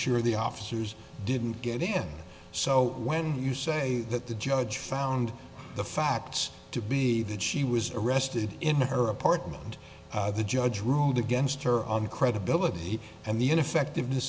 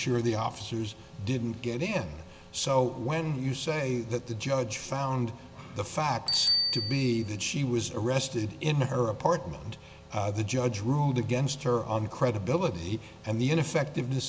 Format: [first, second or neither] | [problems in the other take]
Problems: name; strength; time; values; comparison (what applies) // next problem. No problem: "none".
first | background sound (Bicycle bell); 11 dB below the speech